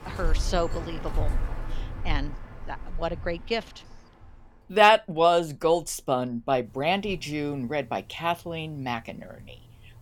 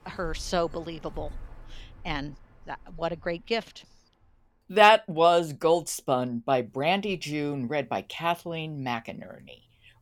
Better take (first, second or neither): second